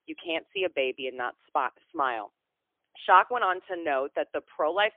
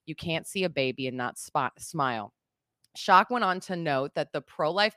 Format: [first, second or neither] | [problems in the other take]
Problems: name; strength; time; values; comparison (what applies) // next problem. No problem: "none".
second | phone-call audio; poor line; nothing above 3 kHz